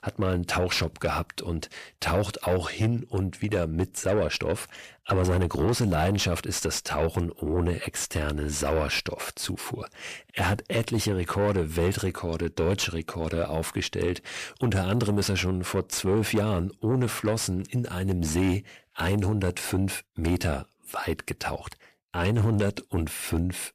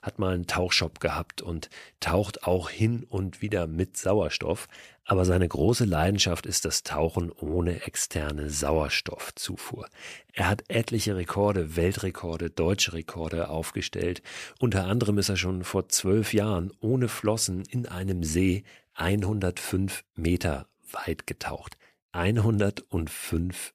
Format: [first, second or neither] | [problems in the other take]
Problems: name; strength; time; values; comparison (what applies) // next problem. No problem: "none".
second | distortion; slight; 10 dB below the speech